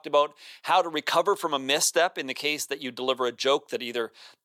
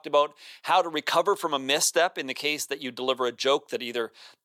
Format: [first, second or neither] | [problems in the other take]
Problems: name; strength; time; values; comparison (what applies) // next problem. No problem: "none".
neither | thin; somewhat; fading below 450 Hz; the same in both